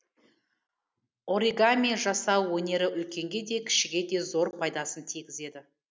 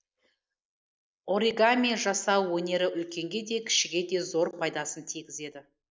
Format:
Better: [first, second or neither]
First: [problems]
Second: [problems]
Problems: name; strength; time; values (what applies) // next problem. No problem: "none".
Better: first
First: none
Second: noise reduction (neural mask model Resemble Enhance denoiser)